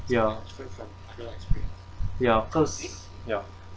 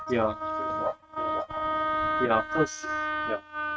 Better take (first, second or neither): first